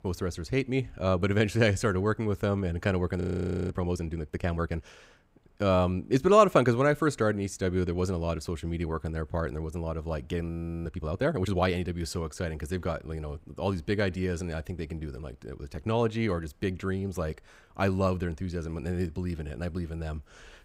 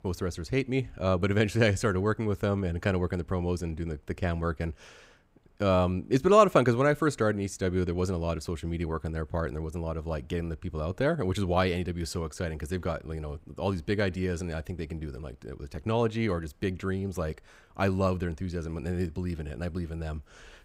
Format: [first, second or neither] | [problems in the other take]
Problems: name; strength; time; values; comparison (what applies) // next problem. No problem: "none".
second | audio freezing; at 3 s and at 11 s